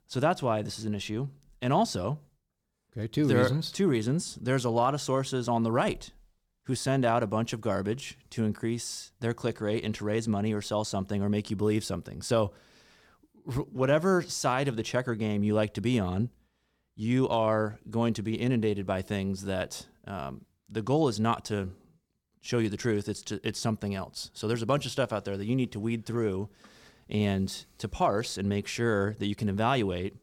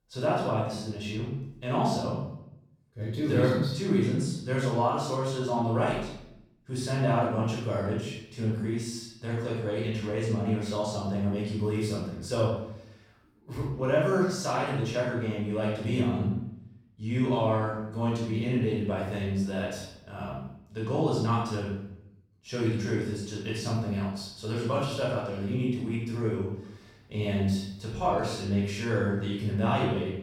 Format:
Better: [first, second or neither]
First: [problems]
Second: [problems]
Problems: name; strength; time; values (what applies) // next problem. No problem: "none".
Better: first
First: none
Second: off-mic speech; far // room echo; noticeable; dies away in 0.7 s